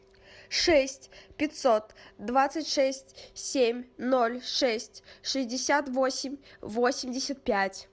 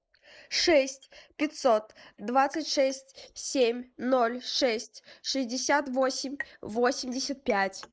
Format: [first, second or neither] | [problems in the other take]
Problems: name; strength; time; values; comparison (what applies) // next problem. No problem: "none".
first | noise reduction (neural mask model Resemble Enhance denoiser)